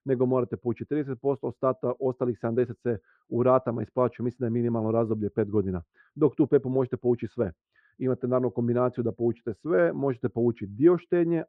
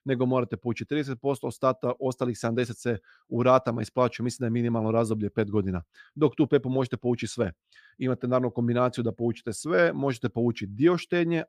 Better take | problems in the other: second | muffled; very; fading above 4 kHz

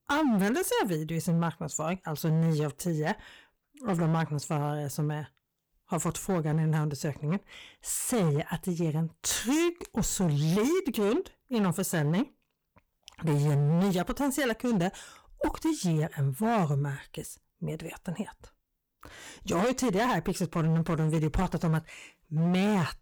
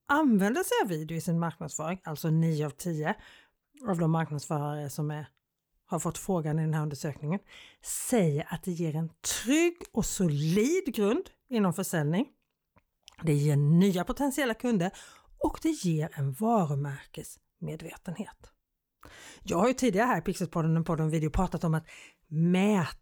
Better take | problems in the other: second | distortion; slight; 13% of the sound clipped

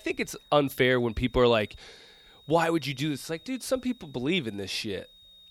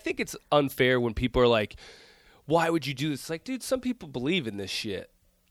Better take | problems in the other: second | high-pitched whine; faint; throughout; 3.5 kHz, 25 dB below the speech

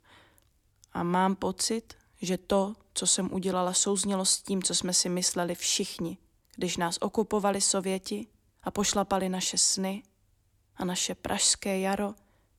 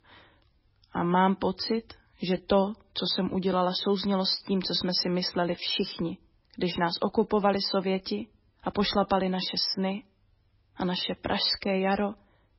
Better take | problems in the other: first | garbled, watery; badly; nothing above 5.5 kHz

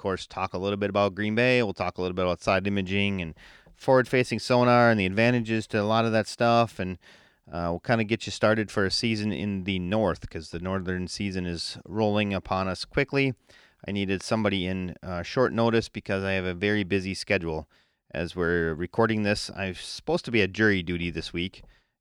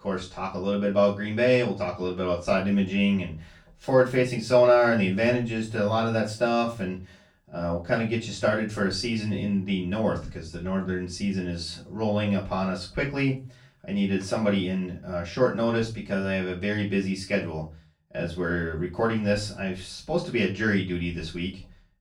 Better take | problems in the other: first | off-mic speech; far // room echo; slight; dies away in 0.3 s

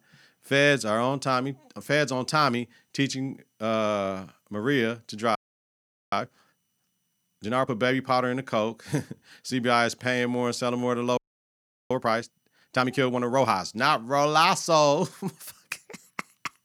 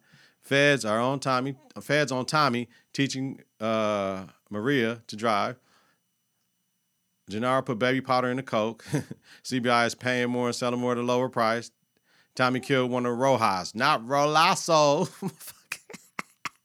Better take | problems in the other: second | audio freezing; at 5.5 s for 1 s and at 11 s for 0.5 s

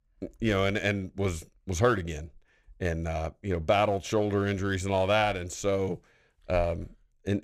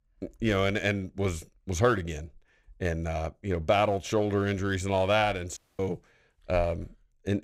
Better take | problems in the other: first | audio cutting out; at 5.5 s

